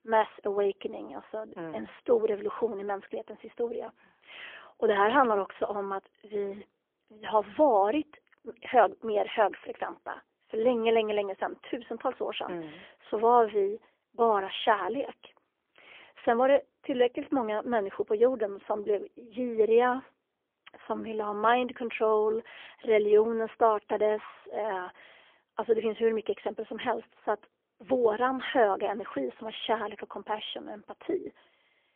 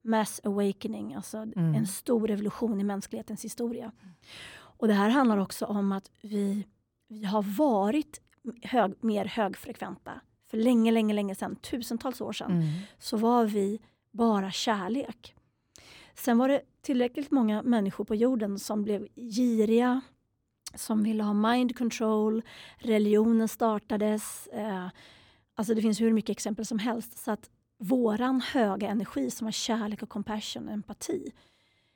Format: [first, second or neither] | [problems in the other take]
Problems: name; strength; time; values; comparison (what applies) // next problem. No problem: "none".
second | phone-call audio; poor line; nothing above 3.5 kHz